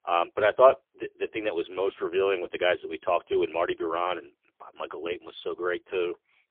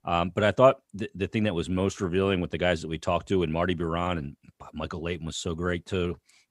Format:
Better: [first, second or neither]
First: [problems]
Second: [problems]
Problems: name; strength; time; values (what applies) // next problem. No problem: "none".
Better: second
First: phone-call audio; poor line; nothing above 3.5 kHz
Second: none